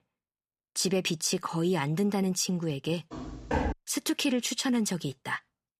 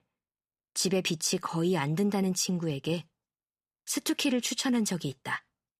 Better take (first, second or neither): second